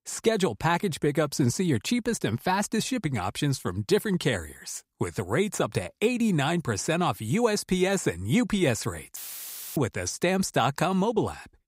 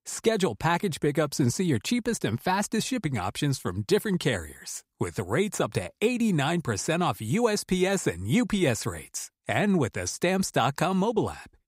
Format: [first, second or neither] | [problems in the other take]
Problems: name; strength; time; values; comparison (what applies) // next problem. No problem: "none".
second | audio cutting out; filled with static; at 9 s for 0.5 s